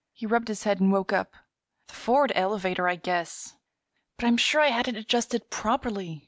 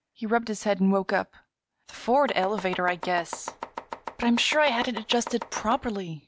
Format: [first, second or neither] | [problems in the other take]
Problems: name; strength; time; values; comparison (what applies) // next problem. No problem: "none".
first | background sound (Domestic sounds, home sounds); 12 dB below the speech